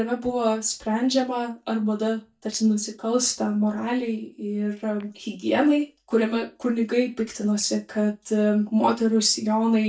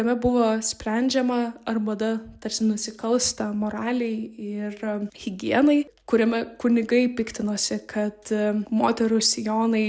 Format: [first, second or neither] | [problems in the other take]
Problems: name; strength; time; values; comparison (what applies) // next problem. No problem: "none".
second | noise reduction (neural mask model DeepFilterNet 3)